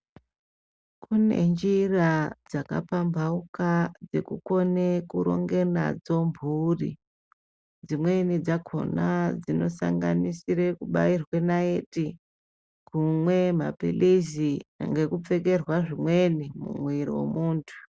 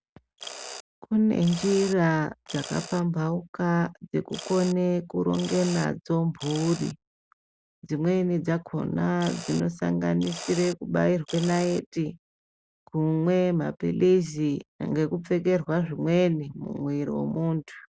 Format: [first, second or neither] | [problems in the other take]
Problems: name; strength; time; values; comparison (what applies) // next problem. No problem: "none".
first | background sound (Mechanisms); 15 dB below the speech